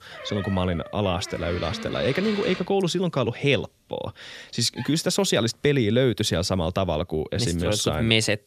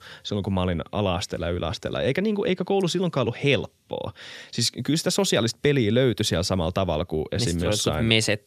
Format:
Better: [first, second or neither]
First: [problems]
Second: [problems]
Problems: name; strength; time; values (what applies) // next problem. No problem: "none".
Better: second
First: door banging; noticeable; until 5 s; peak 8 dB below the speech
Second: none